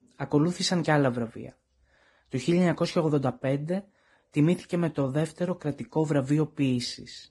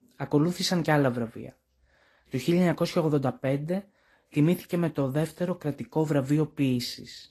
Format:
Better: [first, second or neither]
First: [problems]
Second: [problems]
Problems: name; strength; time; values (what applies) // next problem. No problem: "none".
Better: second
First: garbled, watery; badly; nothing above 11.5 kHz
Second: garbled, watery; slightly; nothing above 13 kHz